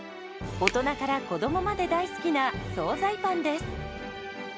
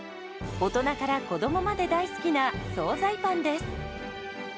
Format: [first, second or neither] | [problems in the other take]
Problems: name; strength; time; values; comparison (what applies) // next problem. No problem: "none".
second | background sound (Finger snapping); 11 dB below the speech